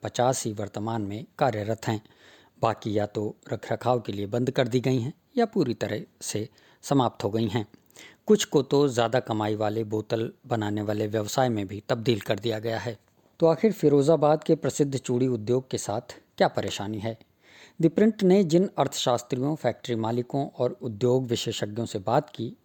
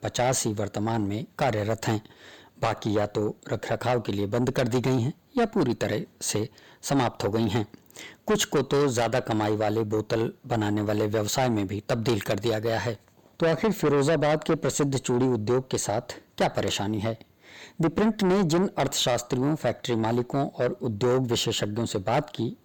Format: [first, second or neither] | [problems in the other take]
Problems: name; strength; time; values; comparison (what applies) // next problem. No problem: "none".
first | distortion; heavy; 6 dB below the speech